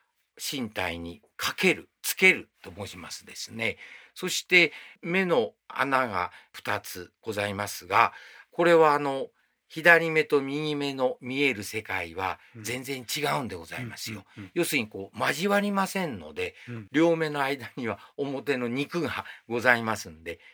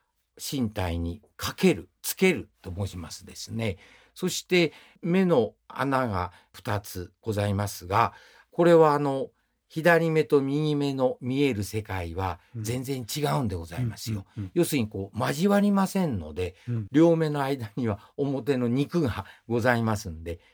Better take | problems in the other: second | thin; very slightly; fading below 750 Hz

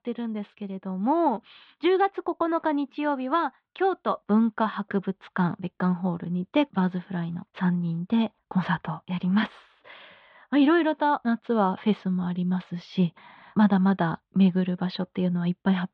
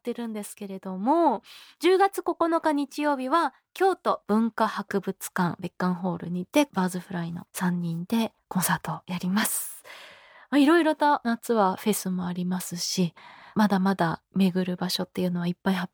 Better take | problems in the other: second | muffled; slightly; fading above 3.5 kHz

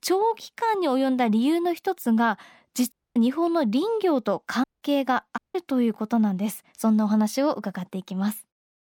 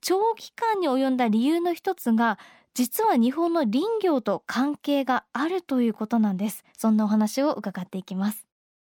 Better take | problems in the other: second | audio cutting out; at 3 s, at 4.5 s and at 5.5 s

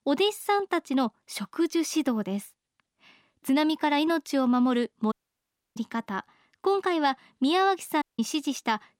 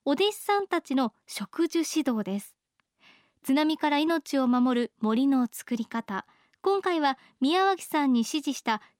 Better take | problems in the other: second | audio cutting out; at 5 s for 0.5 s and at 8 s

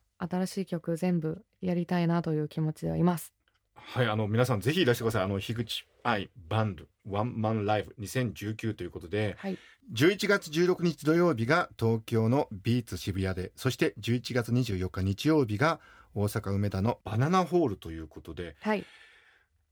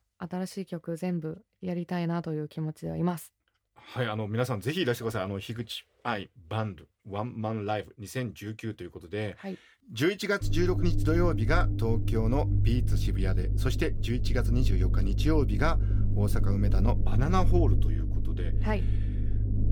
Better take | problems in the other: first | low rumble; loud; from 10 s on; 9 dB below the speech

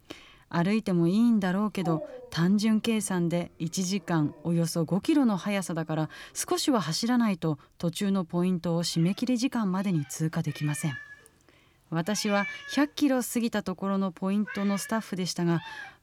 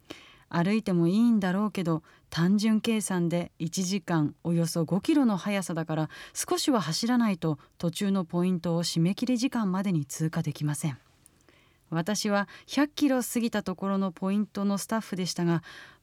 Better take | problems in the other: second | animal sounds; noticeable; throughout; 15 dB below the speech

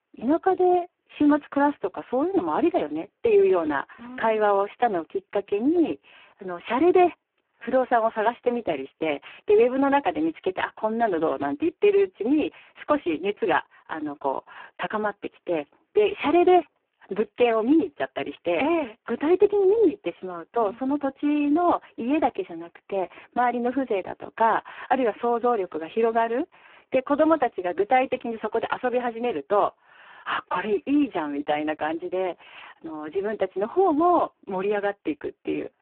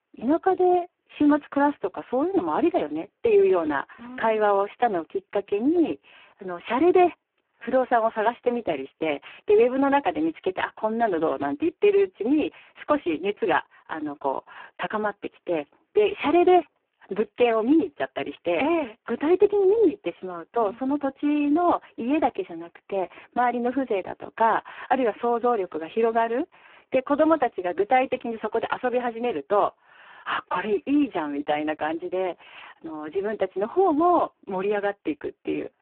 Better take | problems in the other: neither | phone-call audio; poor line; the same in both

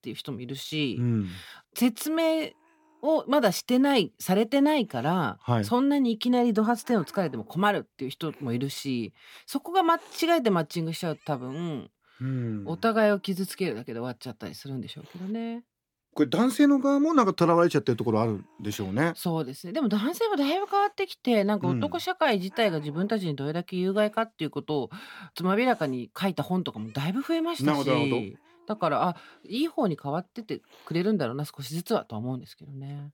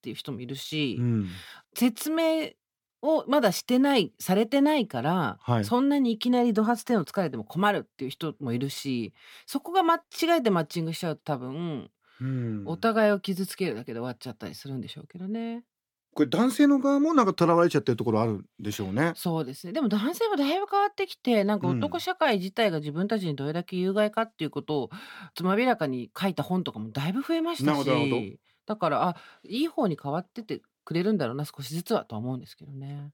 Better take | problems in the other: second | hiss; faint; throughout; 30 dB below the speech

